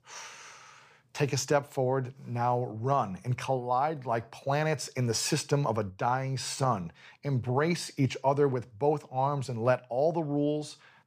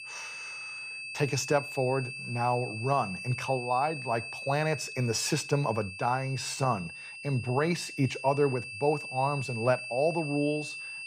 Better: first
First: none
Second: high-pitched whine; loud; throughout; 2.5 kHz, 8 dB below the speech

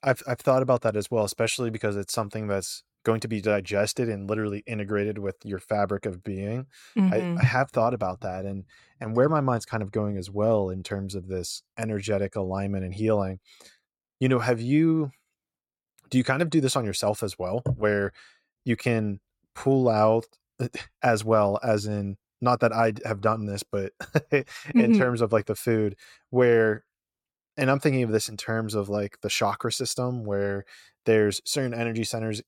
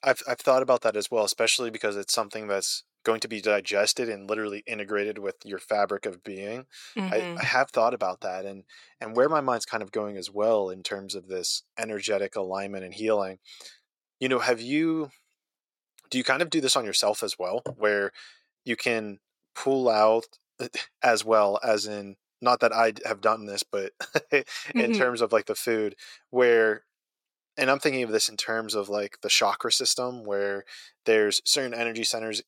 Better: first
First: none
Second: thin; somewhat; fading below 350 Hz

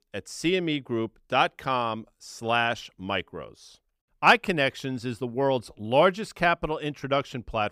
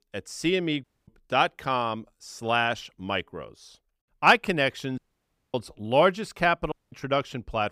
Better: first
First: none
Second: audio cutting out; at 1 s, at 5 s for 0.5 s and at 6.5 s

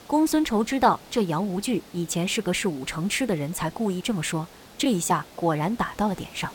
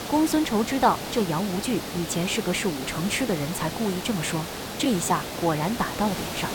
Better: first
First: hiss; faint; throughout; 20 dB below the speech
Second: hiss; loud; throughout; 6 dB below the speech

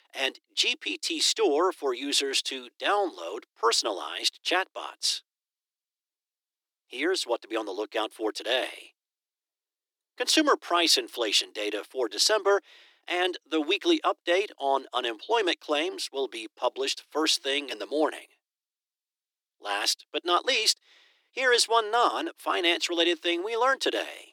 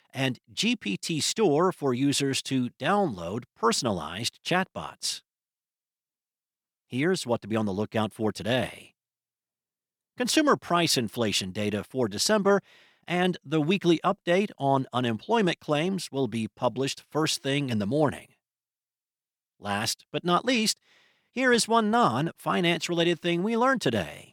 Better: second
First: thin; very; fading below 300 Hz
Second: none

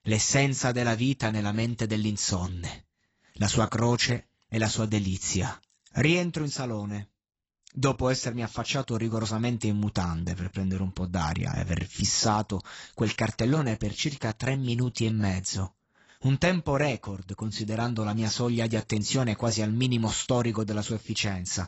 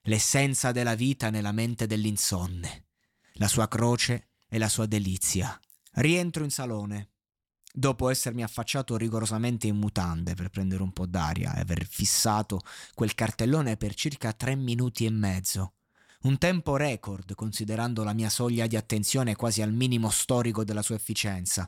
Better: second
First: garbled, watery; badly; nothing above 7.5 kHz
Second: none

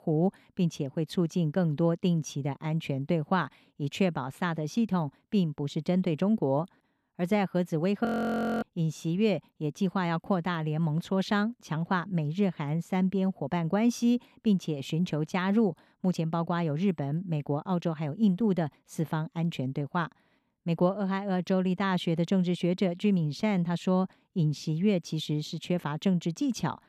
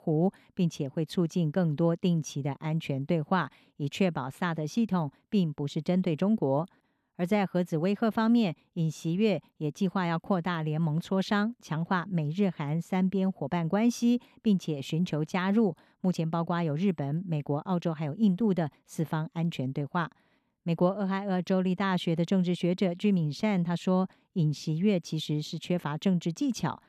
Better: second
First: audio freezing; at 8 s for 0.5 s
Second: none

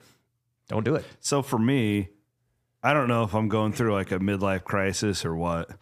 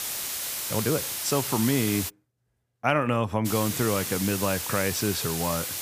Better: first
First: none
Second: hiss; loud; until 2 s and from 3.5 s on; 3 dB below the speech

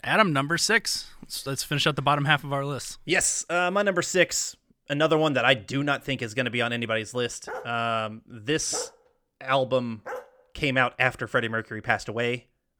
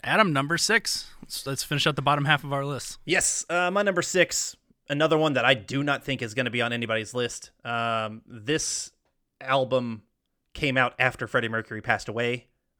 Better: second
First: dog barking; faint; from 7.5 to 10 s; peak 15 dB below the speech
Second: none

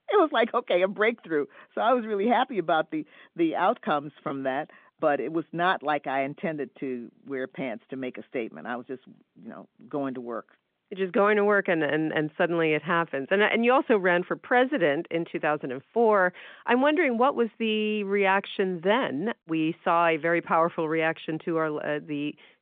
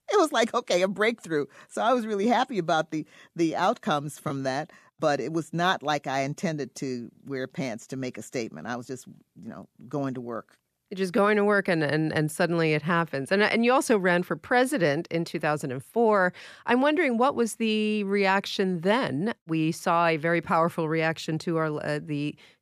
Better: second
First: phone-call audio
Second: none

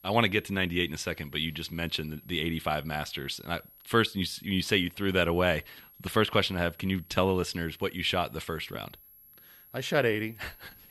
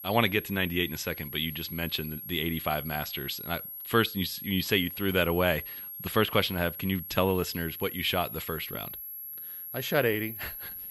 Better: first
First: high-pitched whine; faint; throughout; 11.5 kHz, 25 dB below the speech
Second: high-pitched whine; loud; throughout; 11.5 kHz, 9 dB below the speech

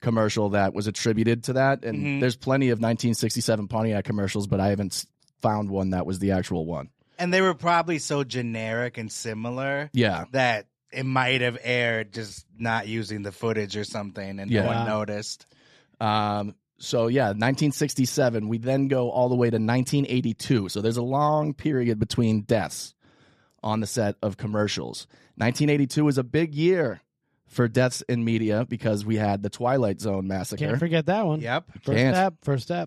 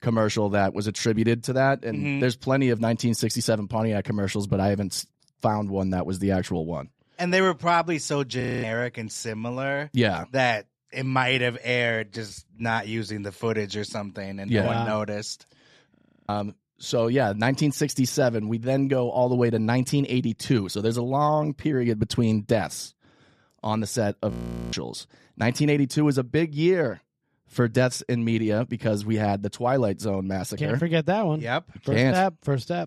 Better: first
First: none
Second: audio freezing; at 8.5 s, at 16 s and at 24 s

